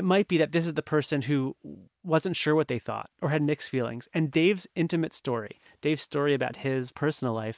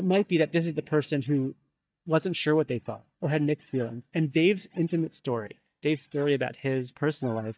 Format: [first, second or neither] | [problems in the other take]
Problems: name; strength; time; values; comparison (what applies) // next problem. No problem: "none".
first | noise reduction (neural mask model DeepFilterNet 3)